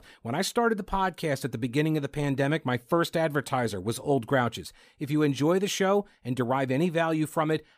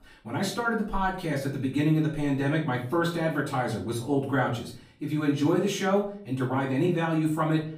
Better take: first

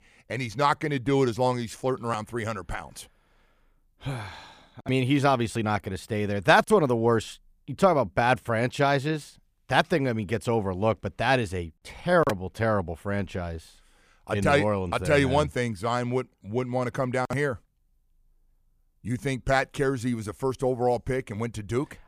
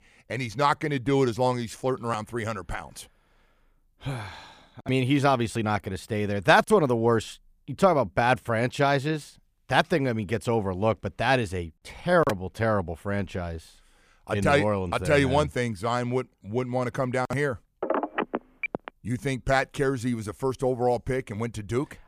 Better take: first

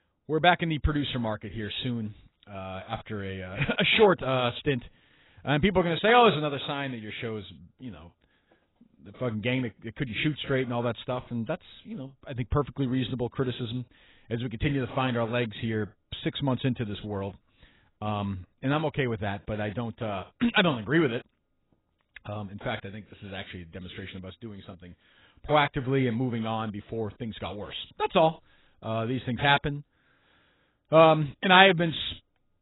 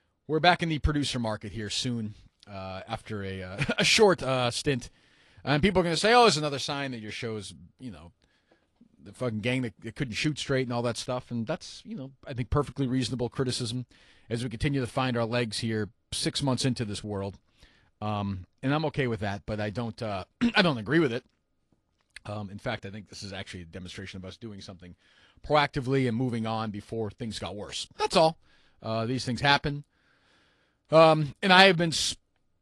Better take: second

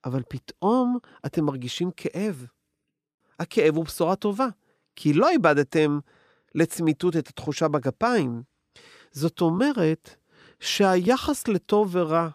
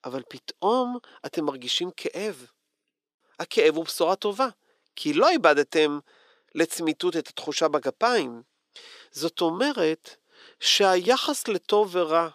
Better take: first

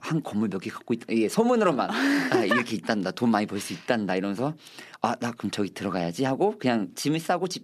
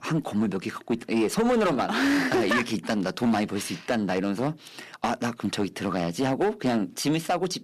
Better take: first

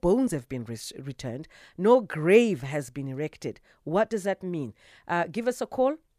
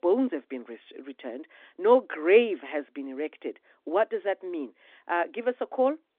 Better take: first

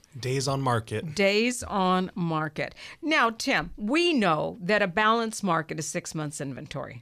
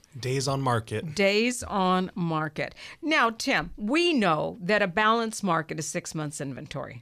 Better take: neither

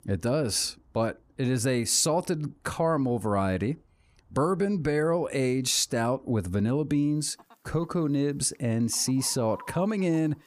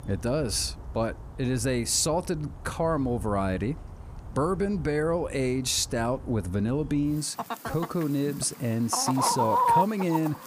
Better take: first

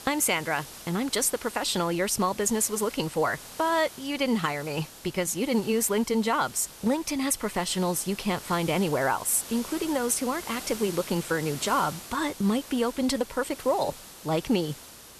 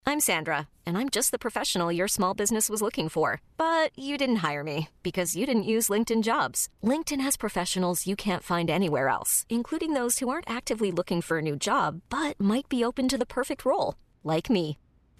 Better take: second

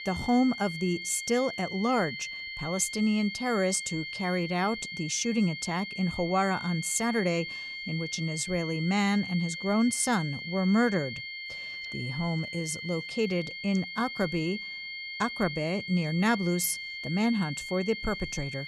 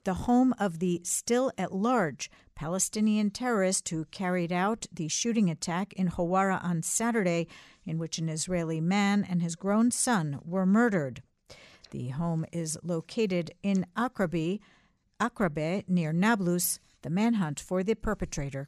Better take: second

